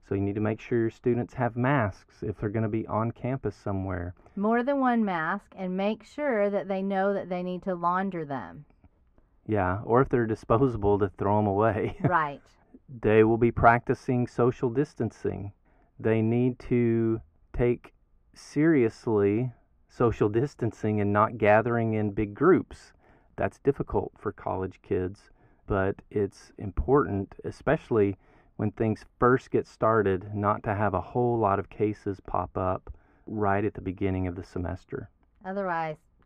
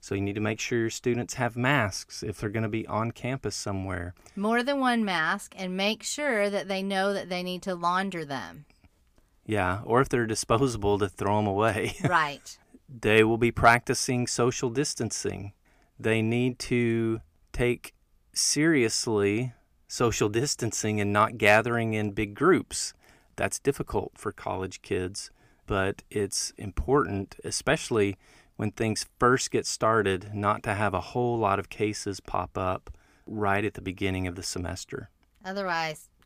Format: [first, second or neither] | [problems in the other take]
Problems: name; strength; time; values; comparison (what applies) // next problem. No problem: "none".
second | muffled; very; fading above 3 kHz